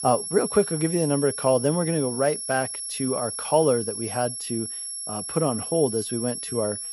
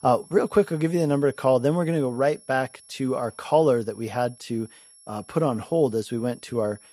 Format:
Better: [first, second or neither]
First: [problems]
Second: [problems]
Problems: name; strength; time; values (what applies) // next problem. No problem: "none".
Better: second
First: high-pitched whine; loud; throughout; 11 kHz, 5 dB below the speech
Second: high-pitched whine; faint; throughout; 11 kHz, 25 dB below the speech